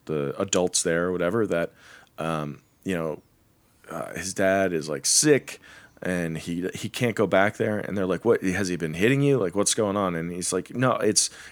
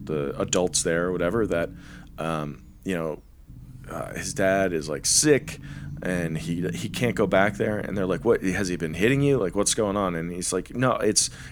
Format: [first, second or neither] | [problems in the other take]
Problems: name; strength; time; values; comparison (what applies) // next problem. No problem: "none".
first | low rumble; faint; throughout; 25 dB below the speech